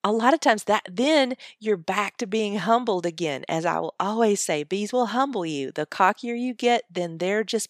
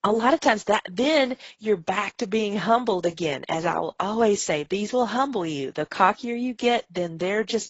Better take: first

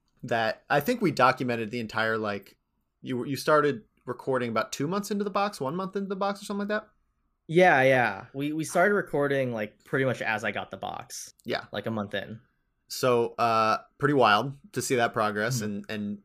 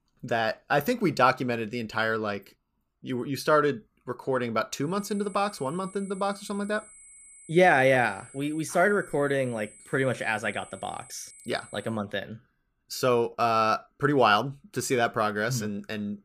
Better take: first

